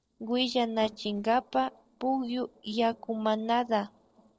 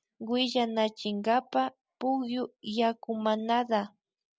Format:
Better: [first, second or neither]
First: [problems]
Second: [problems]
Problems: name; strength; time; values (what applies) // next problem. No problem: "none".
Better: second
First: noise reduction (neural separator model SepFormer DNS4)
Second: none